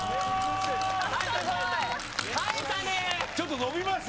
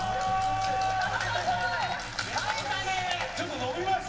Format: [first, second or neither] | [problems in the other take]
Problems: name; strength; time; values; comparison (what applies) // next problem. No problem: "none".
first | room echo; dies away in 1.2 s